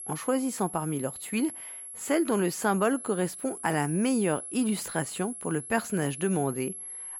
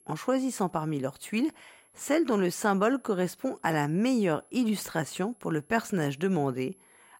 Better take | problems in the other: second | high-pitched whine; loud; throughout; 11 kHz, 9 dB below the speech; faint in the second

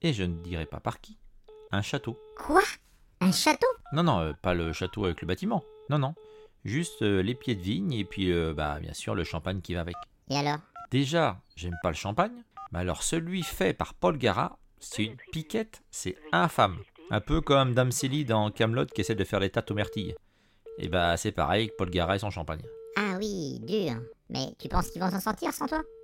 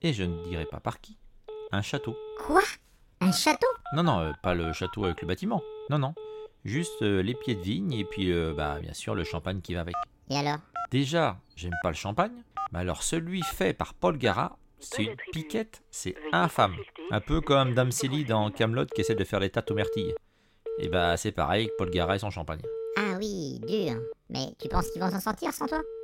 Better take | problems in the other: first | alarms or sirens; loud; throughout; 10 dB below the speech; faint in the first

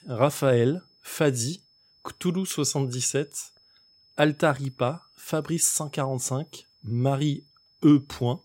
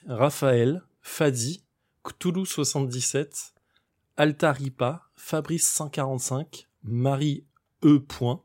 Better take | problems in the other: second | high-pitched whine; faint; throughout; 5 kHz, 35 dB below the speech

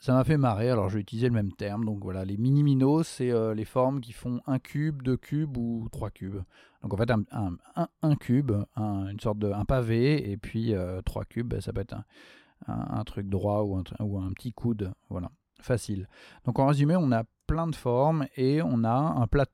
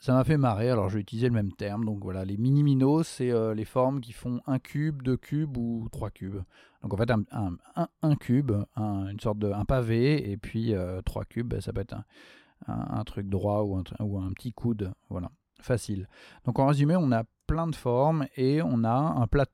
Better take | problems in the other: neither | none

